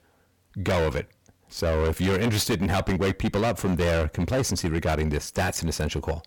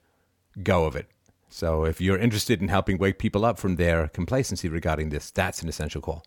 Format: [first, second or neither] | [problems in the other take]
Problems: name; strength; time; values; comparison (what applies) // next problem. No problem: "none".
second | distortion; heavy; 23% of the sound clipped